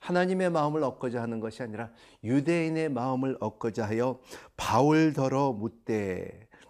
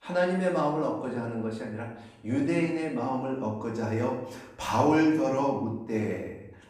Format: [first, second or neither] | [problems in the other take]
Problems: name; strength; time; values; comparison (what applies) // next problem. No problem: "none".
first | room echo; noticeable; dies away in 0.7 s // off-mic speech; far